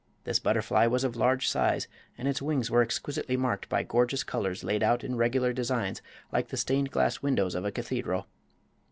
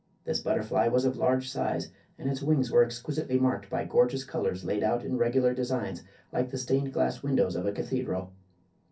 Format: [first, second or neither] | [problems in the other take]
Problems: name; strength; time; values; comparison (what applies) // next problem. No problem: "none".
first | room echo; dies away in 0.3 s